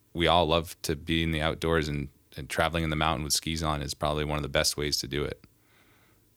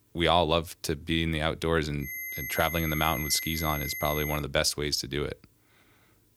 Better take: first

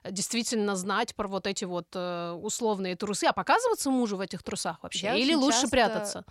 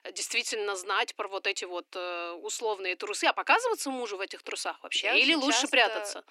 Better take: first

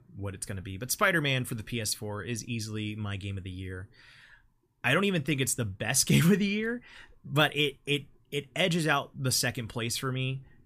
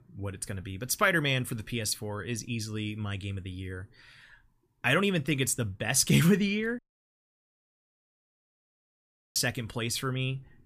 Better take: first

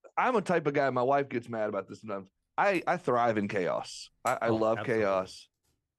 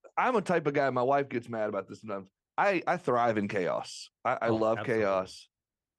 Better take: second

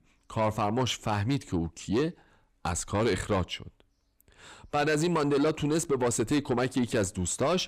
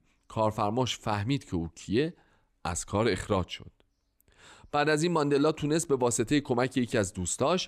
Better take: second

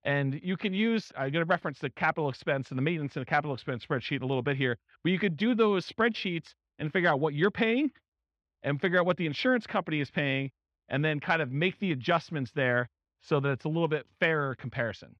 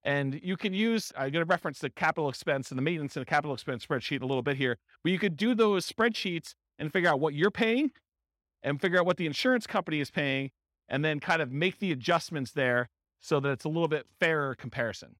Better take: second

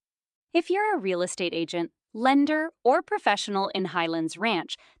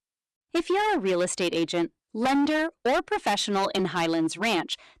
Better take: first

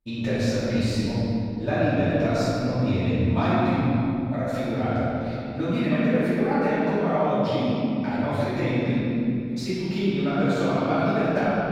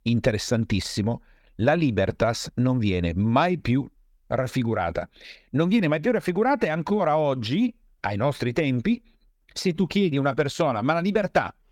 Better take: second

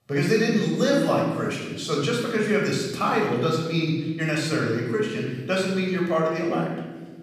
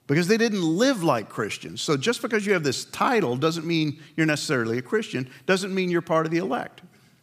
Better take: second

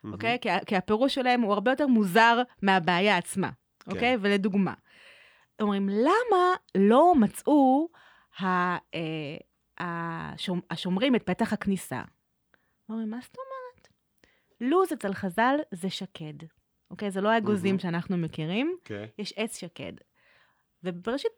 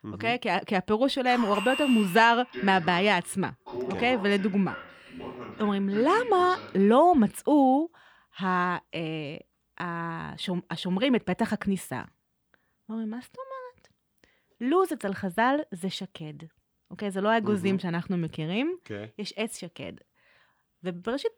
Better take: first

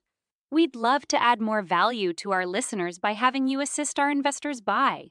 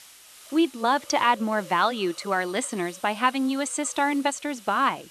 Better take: first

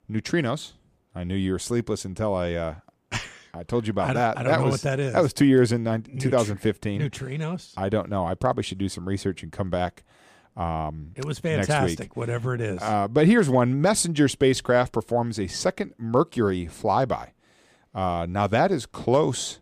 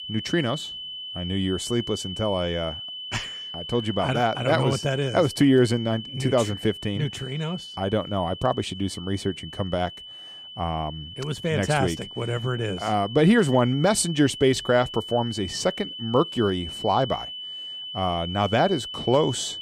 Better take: first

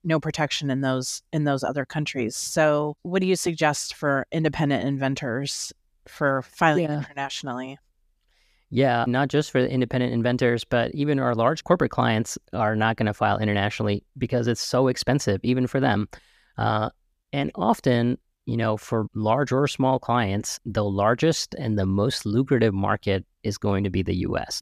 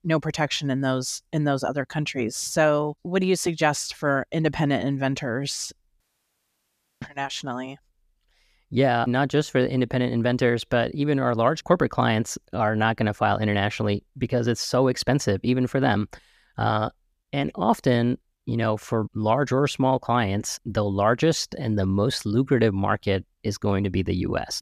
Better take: first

